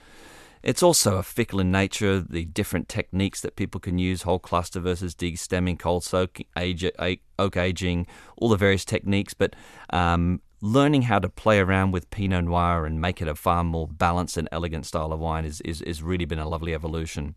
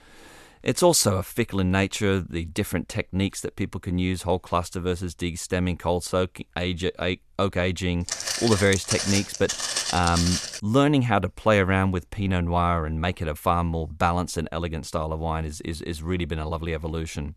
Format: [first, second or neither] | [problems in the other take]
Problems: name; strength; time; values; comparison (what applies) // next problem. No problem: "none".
first | footsteps; noticeable; from 8 to 11 s; peak level with the speech